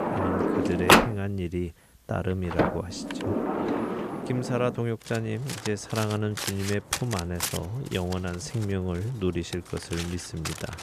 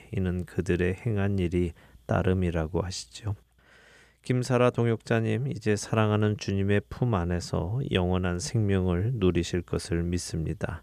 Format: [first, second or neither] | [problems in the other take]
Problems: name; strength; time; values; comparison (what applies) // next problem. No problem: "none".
second | household noises; very loud; throughout; 3 dB above the speech